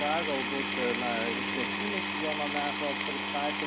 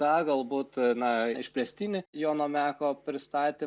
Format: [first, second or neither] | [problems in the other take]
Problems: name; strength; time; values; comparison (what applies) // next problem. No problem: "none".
second | background sound (Power tool); 2 dB above the speech